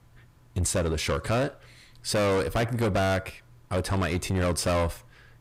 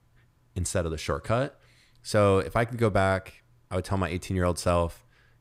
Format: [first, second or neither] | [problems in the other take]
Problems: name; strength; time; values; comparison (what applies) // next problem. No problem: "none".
second | distortion; heavy; 6 dB below the speech